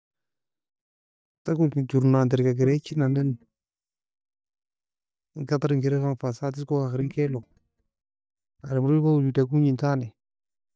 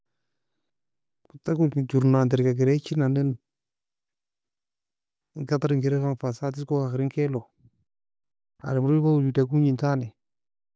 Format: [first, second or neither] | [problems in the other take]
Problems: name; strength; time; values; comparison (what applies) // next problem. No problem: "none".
second | noise reduction (neural mask model DeepFilterNet 3)